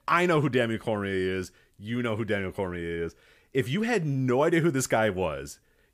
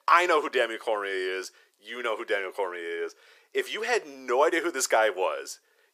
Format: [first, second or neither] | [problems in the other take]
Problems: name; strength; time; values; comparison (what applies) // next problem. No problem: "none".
first | thin; very; fading below 400 Hz